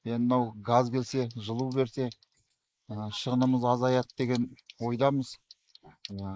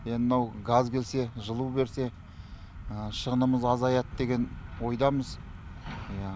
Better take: second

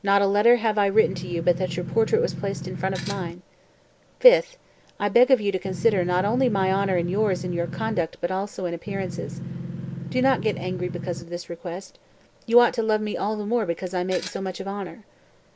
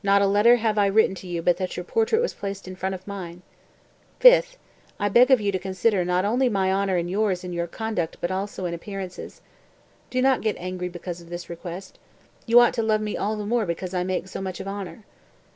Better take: second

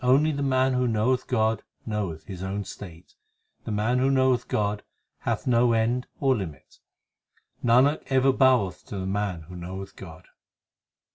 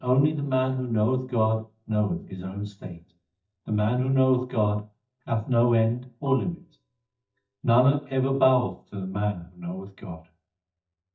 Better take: first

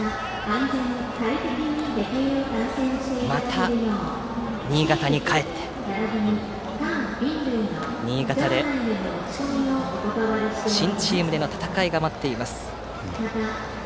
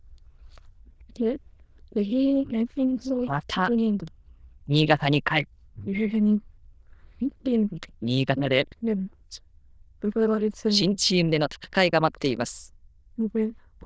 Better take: first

